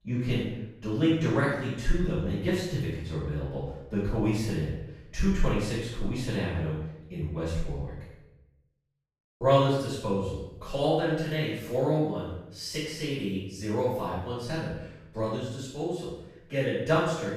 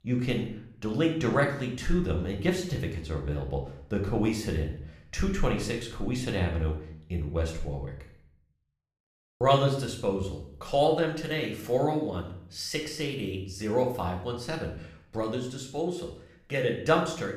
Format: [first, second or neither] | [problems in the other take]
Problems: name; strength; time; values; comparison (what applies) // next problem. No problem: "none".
second | room echo; strong; dies away in 0.8 s; slight in the second // off-mic speech; far; somewhat distant in the second